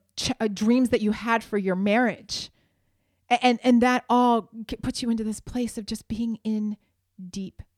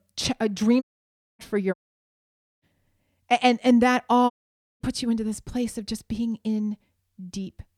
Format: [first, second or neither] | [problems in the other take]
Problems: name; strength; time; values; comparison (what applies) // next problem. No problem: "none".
first | audio cutting out; at 1 s for 0.5 s, at 1.5 s for 1 s and at 4.5 s for 0.5 s